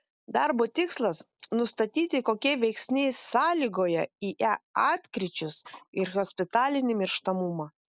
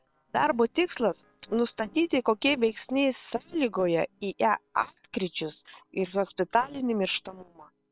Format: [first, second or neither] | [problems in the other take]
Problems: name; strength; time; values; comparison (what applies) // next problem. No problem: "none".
first | noise reduction (neural separator model SepFormer WHAM!)